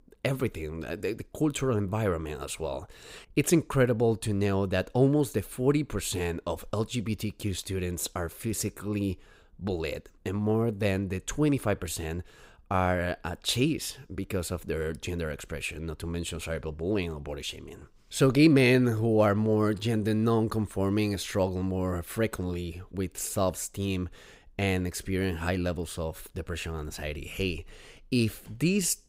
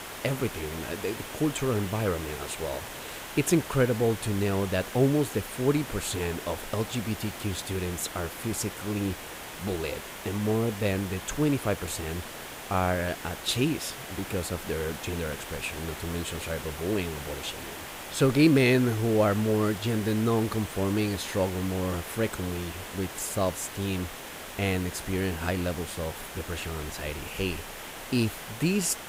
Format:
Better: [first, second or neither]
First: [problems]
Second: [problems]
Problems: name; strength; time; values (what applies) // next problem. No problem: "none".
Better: first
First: none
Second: hiss; loud; throughout; 9 dB below the speech